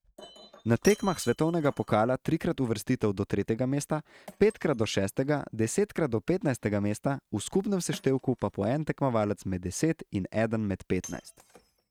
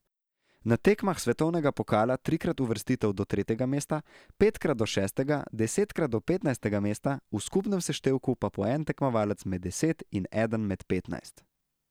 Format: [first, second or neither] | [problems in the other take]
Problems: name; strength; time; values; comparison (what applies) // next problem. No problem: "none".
second | noise reduction (neural mask model RNNoise)